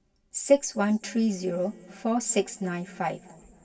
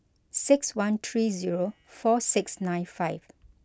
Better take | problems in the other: second | room echo; dies away in 2.7 s

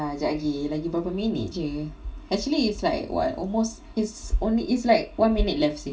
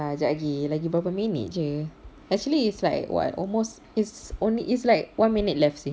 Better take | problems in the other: second | room echo; dies away in 0.2 s

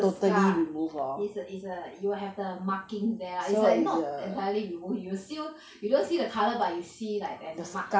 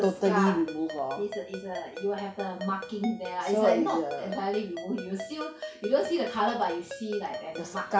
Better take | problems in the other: first | background sound (Ringtone); 12 dB below the speech

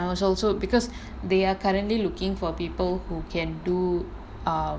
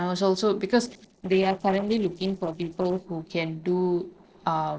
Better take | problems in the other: first | noise reduction (neural separator model SepFormer DNS4)

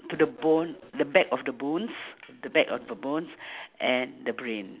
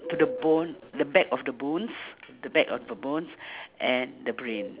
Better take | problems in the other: first | background sound (Bird); 14 dB below the speech

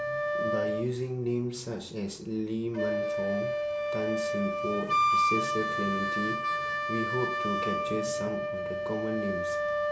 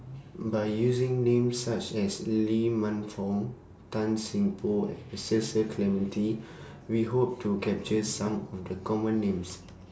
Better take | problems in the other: second | background sound (Wind instrument, woodwind instrument); 3 dB above the speech

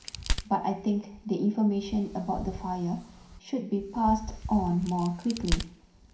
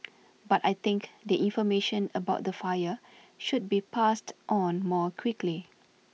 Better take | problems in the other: second | background sound (Crack); 7 dB below the speech // room echo; dies away in 0.5 s

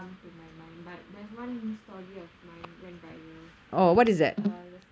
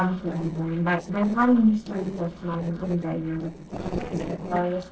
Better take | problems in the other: first | noise reduction (neural separator model SepFormer DNS4)

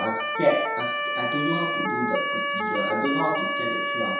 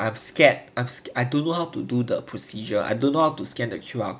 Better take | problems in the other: second | background sound (Motor vehicle (road) / Siren); 1 dB above the speech // room echo; dies away in 0.7 s

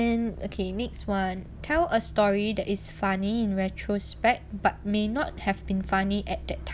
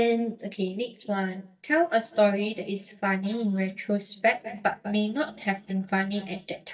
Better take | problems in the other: first | noise reduction (neural mask model DeepFilterNet 3)

